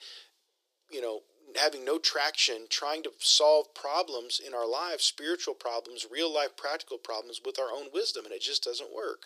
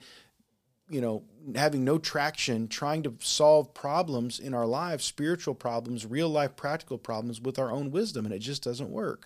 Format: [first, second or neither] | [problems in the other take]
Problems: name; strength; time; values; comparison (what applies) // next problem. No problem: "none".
second | thin; very; fading below 350 Hz